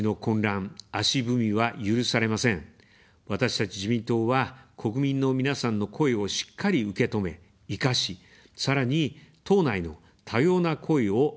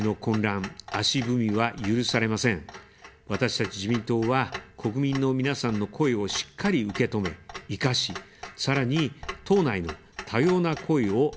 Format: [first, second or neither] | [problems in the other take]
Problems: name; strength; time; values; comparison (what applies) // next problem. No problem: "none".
first | background sound (Clock); 16 dB below the speech